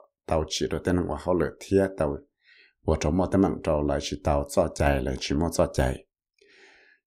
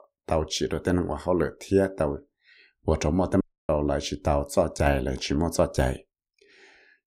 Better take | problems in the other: first | audio cutting out; at 3.5 s

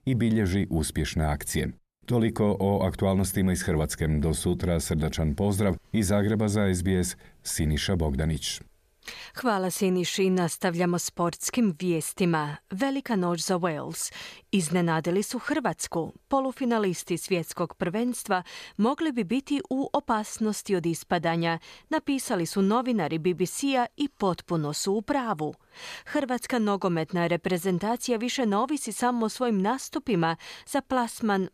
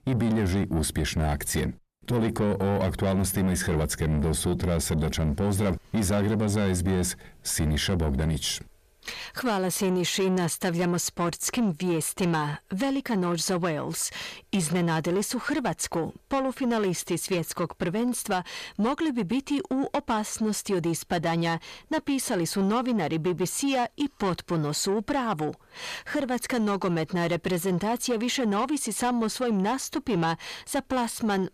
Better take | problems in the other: first | distortion; slight; 10 dB below the speech

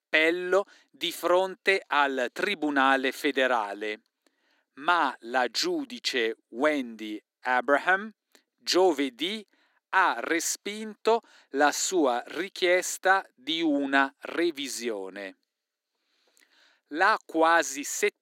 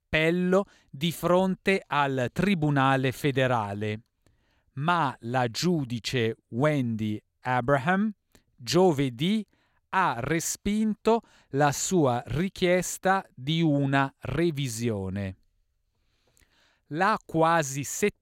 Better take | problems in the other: second | thin; somewhat; fading below 300 Hz

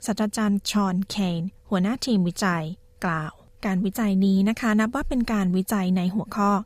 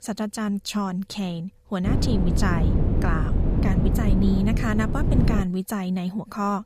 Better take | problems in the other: first | wind noise on the microphone; heavy; from 2 to 5.5 s; 3 dB below the speech

